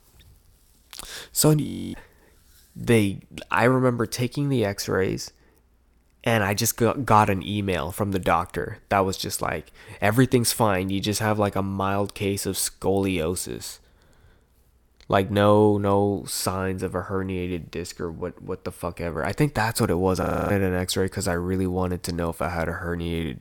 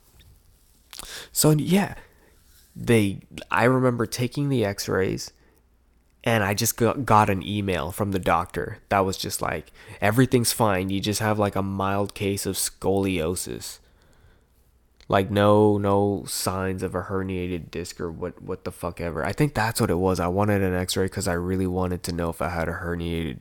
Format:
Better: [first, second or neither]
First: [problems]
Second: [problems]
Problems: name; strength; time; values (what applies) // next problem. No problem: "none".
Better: second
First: audio freezing; at 1.5 s and at 20 s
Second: none